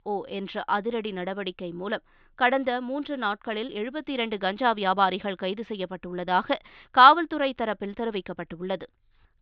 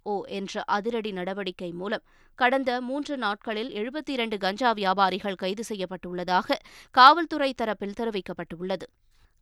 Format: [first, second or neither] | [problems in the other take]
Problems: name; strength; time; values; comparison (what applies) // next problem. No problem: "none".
second | muffled; slightly; fading above 3.5 kHz